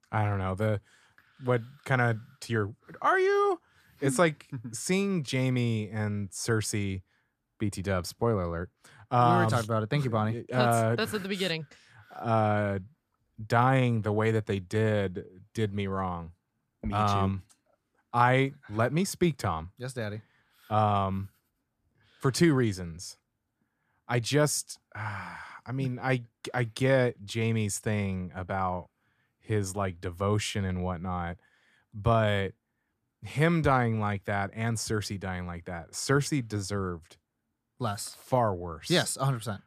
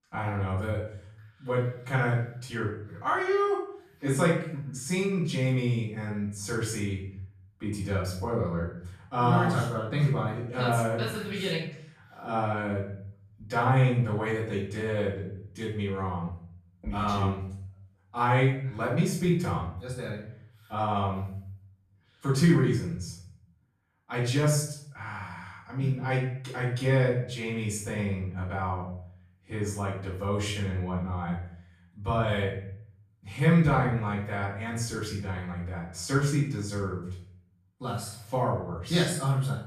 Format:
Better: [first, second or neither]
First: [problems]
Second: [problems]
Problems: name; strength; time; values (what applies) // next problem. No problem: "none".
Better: first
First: none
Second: off-mic speech; far // room echo; noticeable; dies away in 0.6 s